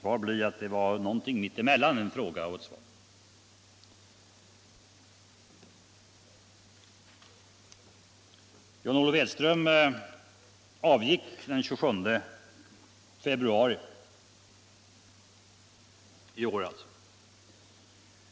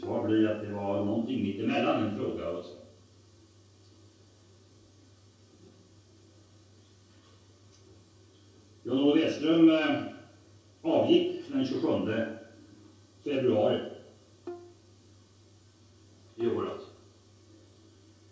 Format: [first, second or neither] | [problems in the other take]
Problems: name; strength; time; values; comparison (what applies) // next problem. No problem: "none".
first | background sound (Bowed string instrument); 19 dB below the speech // room echo; dies away in 0.6 s